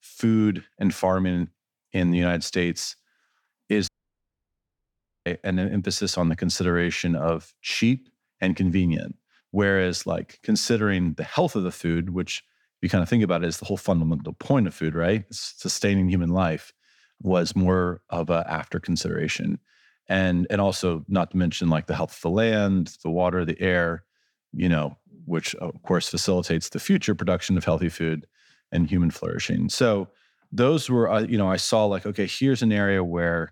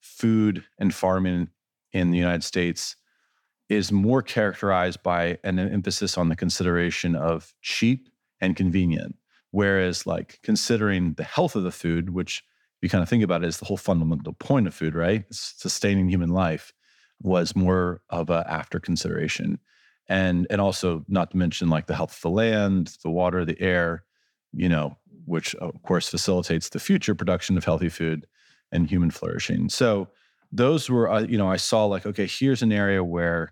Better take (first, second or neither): second